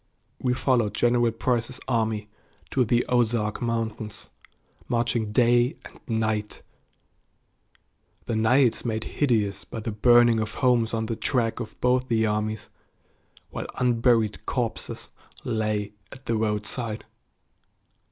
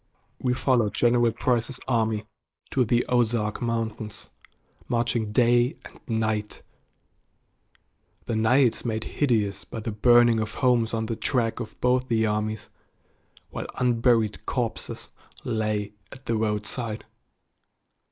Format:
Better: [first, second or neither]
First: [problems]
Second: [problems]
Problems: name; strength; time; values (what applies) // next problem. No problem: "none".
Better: first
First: none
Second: noise reduction (neural mask model Resemble Enhance denoiser)